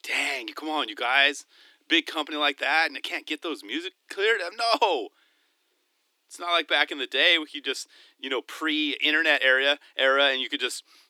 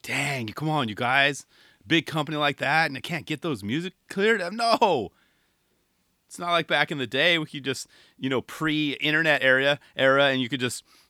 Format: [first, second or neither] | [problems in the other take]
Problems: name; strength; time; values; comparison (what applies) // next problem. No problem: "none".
second | thin; somewhat; fading below 300 Hz